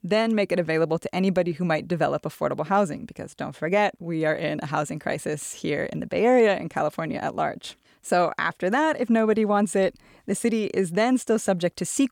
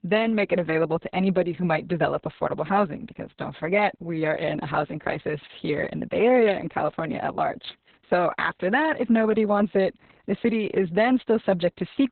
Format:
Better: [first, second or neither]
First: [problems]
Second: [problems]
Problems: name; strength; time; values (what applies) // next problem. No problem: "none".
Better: first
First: none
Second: garbled, watery; badly; nothing above 4 kHz